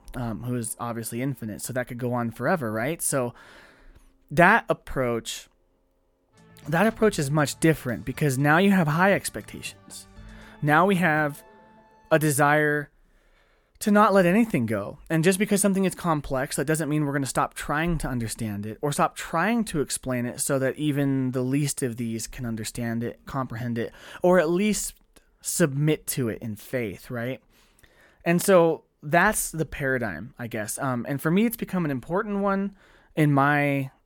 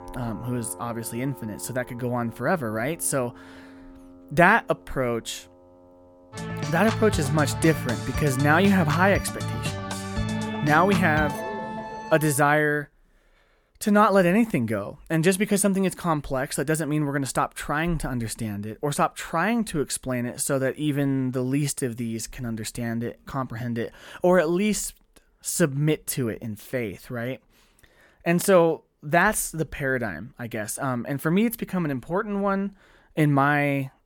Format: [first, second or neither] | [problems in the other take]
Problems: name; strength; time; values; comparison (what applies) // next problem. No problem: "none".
first | background music; loud; until 12 s; 7 dB below the speech; faint in the first